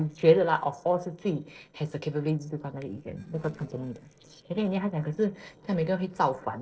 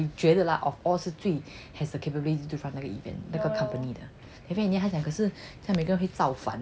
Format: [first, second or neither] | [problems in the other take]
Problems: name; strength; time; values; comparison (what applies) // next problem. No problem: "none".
second | noise reduction (neural separator model SepFormer DNS4)